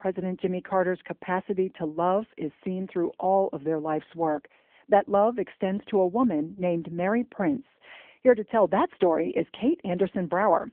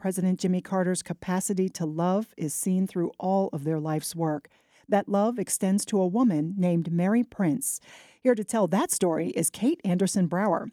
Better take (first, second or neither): second